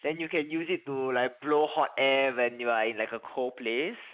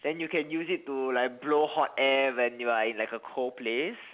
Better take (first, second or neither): second